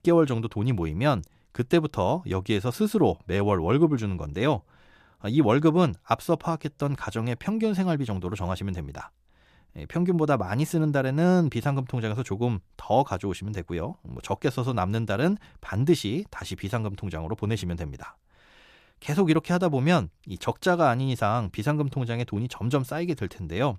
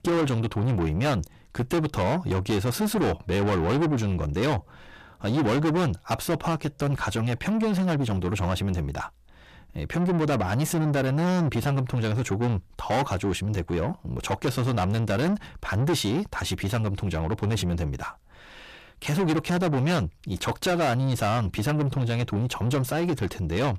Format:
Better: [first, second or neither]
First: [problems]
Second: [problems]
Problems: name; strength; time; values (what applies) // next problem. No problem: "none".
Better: first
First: none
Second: distortion; heavy; 5 dB below the speech